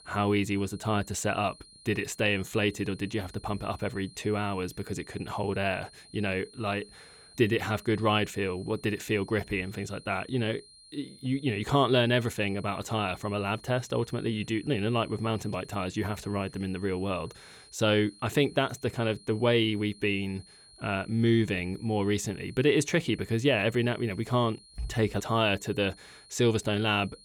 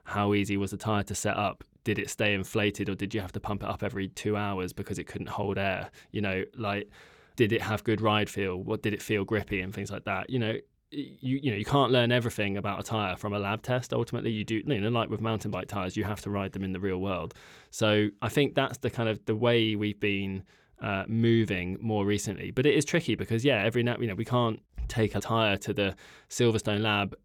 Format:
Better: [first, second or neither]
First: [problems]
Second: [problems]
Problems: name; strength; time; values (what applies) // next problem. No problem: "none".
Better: second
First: high-pitched whine; faint; throughout; 4 kHz, 25 dB below the speech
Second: none